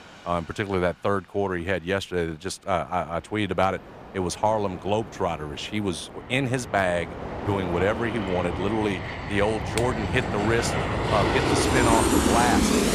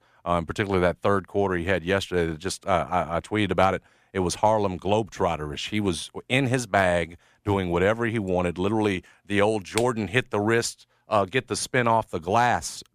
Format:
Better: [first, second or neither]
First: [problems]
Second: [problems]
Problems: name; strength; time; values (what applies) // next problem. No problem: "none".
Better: second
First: train or aircraft noise; very loud; throughout; 1 dB above the speech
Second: none